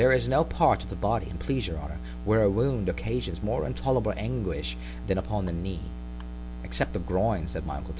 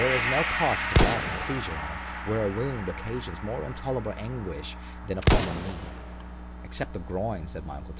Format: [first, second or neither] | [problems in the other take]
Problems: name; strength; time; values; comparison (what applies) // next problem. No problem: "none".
first | background sound (Gong + Explosion); 1 dB above the speech